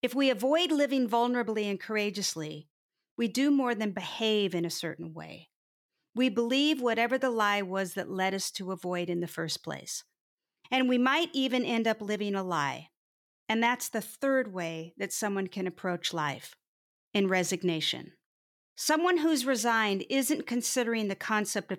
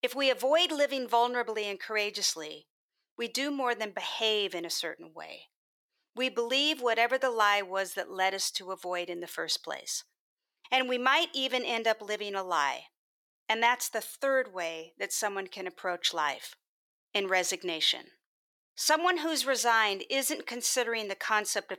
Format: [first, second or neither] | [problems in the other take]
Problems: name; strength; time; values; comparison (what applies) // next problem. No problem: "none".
first | thin; somewhat; fading below 600 Hz